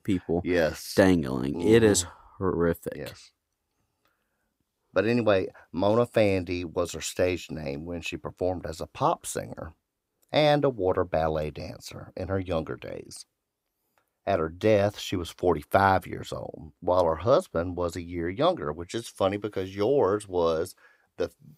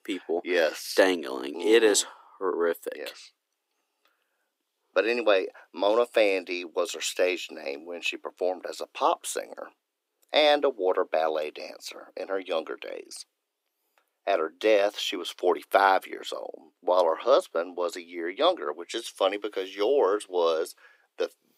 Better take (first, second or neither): first